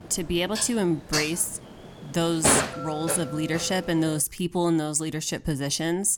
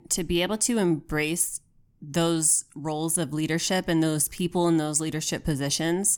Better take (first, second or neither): second